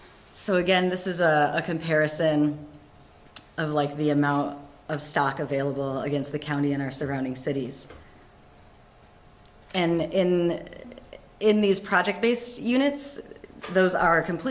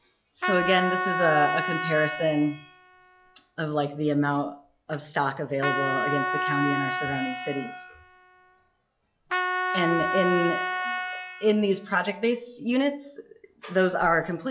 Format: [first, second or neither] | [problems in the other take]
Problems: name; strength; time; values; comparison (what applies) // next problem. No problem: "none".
first | noise reduction (classical method log-MMSE)